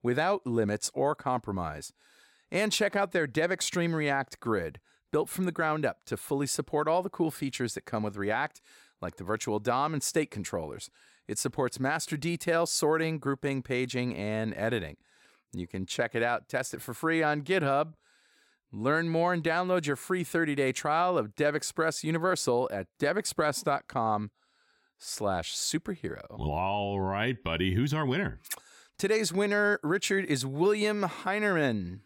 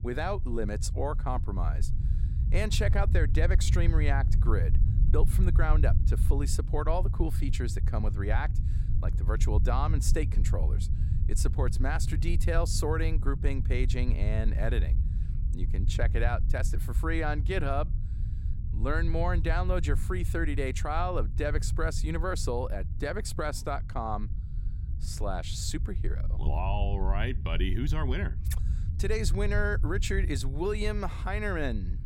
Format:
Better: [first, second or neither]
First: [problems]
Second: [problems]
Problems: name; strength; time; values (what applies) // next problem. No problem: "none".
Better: first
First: none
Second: low rumble; noticeable; throughout; 15 dB below the speech